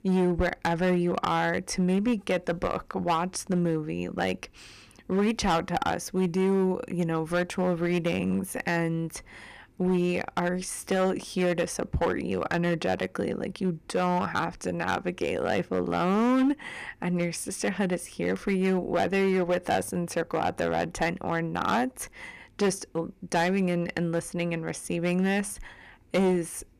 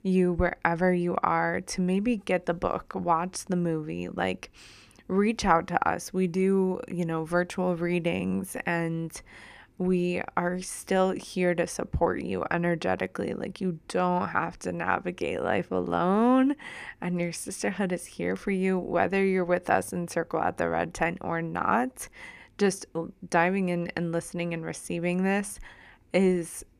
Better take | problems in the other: second | distortion; slight; 6% of the sound clipped

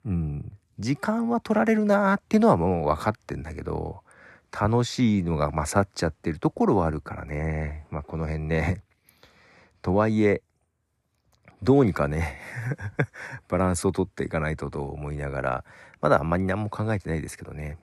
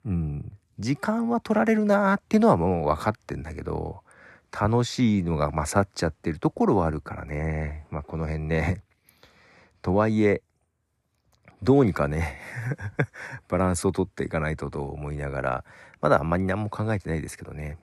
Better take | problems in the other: neither | none

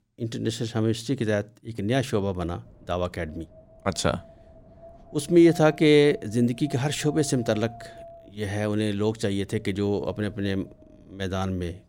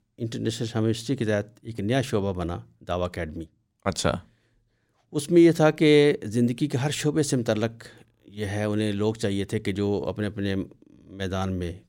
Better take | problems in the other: second | wind noise on the microphone; occasional gusts; from 2.5 s on; 20 dB below the speech

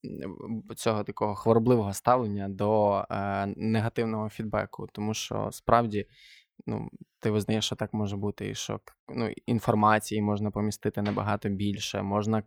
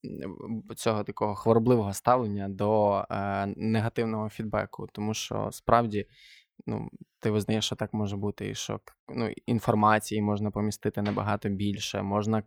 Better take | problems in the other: neither | none

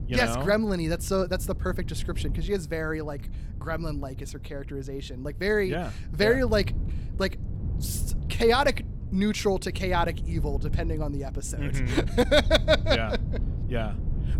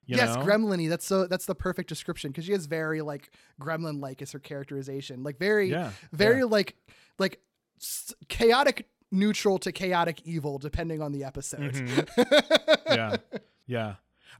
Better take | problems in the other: second | wind noise on the microphone; occasional gusts; 20 dB below the speech

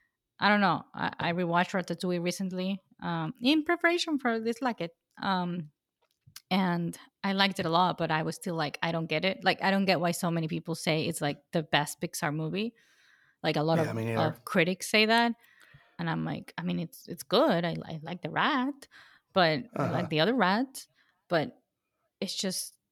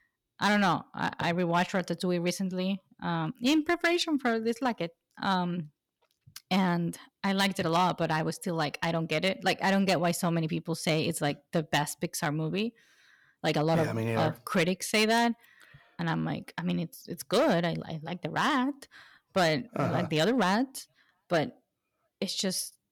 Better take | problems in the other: first | distortion; slight; 3% of the sound clipped

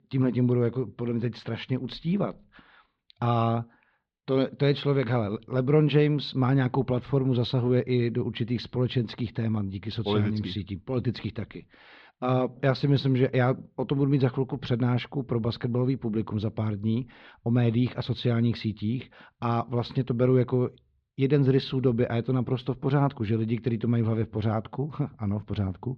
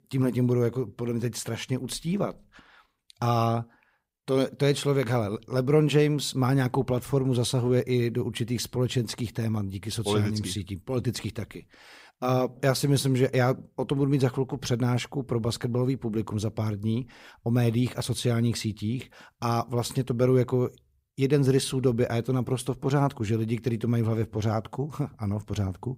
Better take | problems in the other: second | muffled; very slightly; fading above 4 kHz

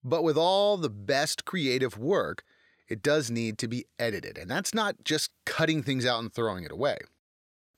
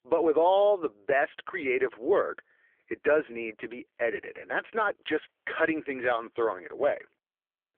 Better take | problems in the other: first | phone-call audio; poor line; nothing above 3.5 kHz

